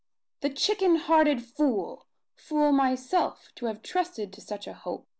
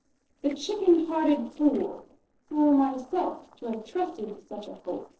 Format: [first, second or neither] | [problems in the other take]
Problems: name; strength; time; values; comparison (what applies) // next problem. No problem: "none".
first | noise reduction (neural separator model SepFormer DNS4)